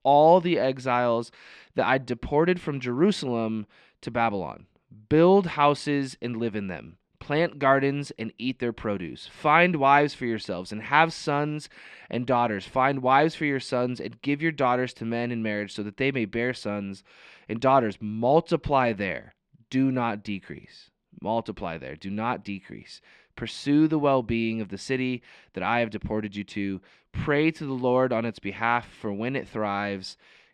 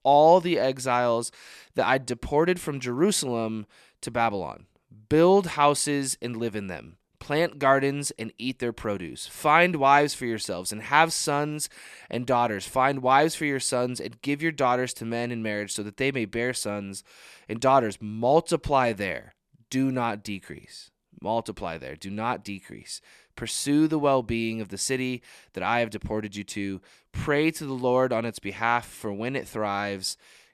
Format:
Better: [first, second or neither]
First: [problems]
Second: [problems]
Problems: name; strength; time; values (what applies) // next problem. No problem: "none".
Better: second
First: muffled; very slightly; fading above 3 kHz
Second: none